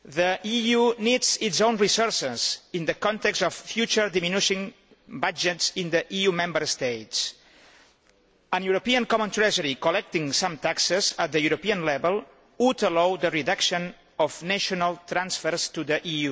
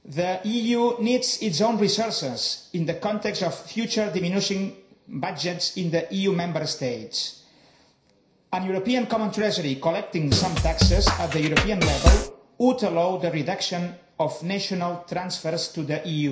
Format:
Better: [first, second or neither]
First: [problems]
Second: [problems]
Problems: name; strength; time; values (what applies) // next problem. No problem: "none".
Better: first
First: none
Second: background sound (Drum kit); 5 dB above the speech // room echo; dies away in 0.5 s